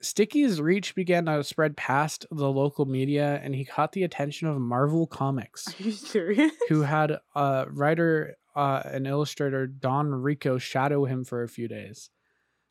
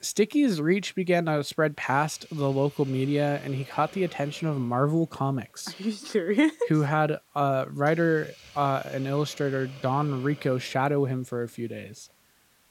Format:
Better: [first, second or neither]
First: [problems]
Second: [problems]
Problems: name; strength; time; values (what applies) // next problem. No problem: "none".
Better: first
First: none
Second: hiss; faint; throughout; 25 dB below the speech